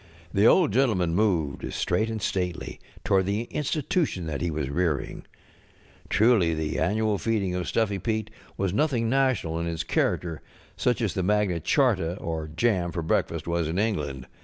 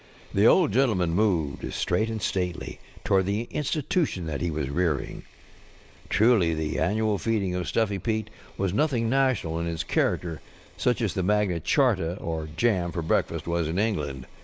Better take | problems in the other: first | noise reduction (neural mask model Resemble Enhance denoiser)

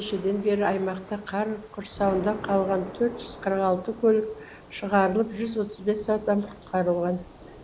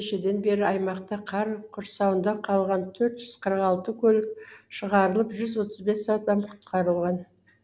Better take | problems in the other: second | background sound (Thunder / Rain); 16 dB below the speech

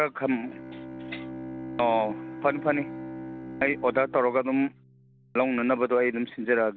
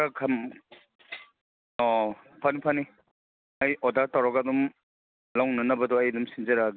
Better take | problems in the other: second | background sound (Bowed string instrument); 13 dB below the speech

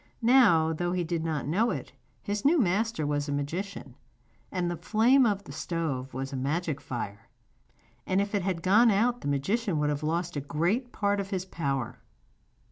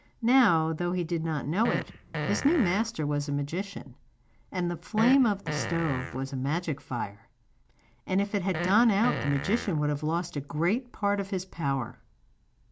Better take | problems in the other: first | background sound (Fart); 7 dB below the speech

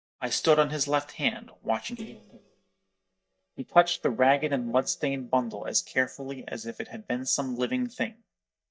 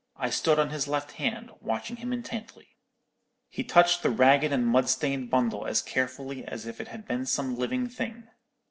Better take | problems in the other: second | noise reduction (neural mask model DeepFilterNet 3)

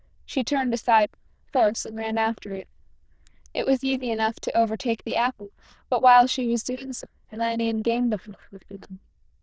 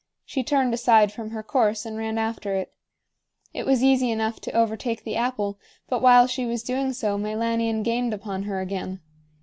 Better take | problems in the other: second | noise reduction (neural diffusion model UNIVERSE++)

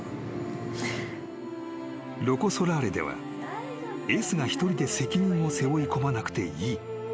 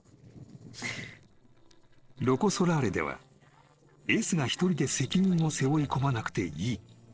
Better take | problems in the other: first | noise reduction (neural separator model SepFormer DNS4)

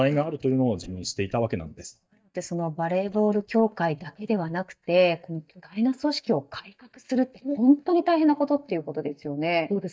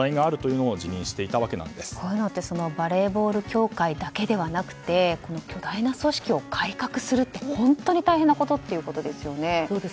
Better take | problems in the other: second | noise reduction (neural mask model DeepFilterNet 3)

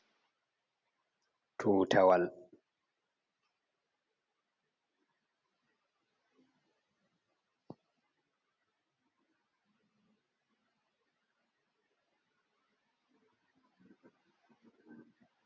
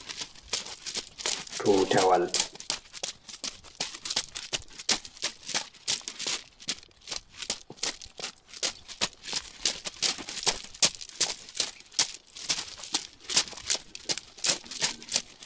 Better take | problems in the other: first | background sound (Run); 3 dB above the speech // room echo; dies away in 0.3 s

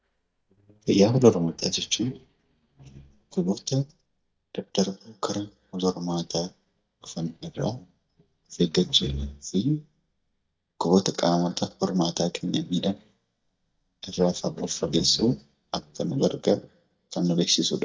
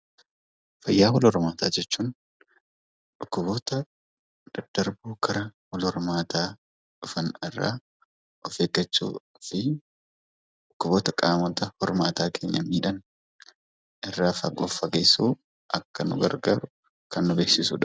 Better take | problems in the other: second | noise reduction (neural mask model DeepFilterNet 3)

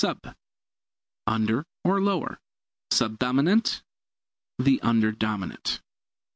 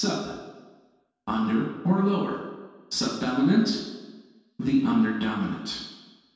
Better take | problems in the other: first | room echo; dies away in 1.2 s

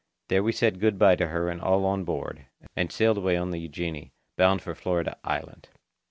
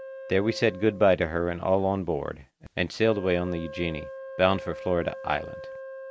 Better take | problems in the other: first | background sound (Wind instrument, woodwind instrument); 14 dB below the speech

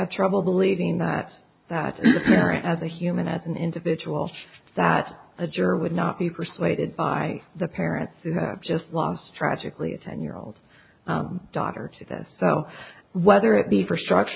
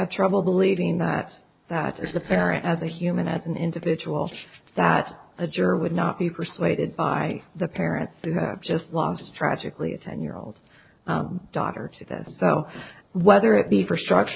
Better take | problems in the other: first | noise reduction (neural separator model SepFormer DNS4)

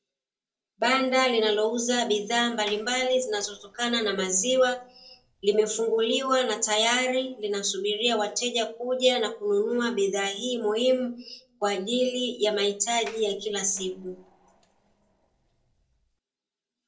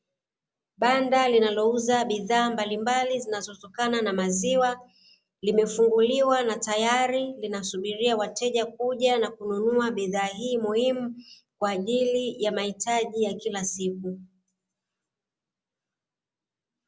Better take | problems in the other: second | noise reduction (neural separator model SepFormer DNS4)

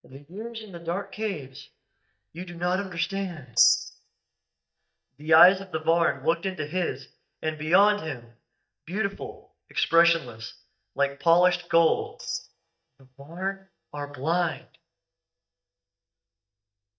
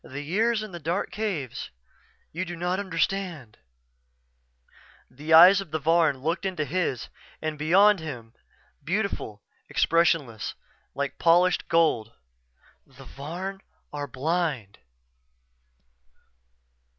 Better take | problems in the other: second | noise reduction (neural mask model DeepFilterNet 3)

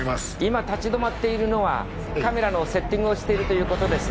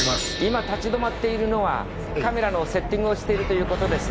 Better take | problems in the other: first | background sound (Gong); 11 dB below the speech

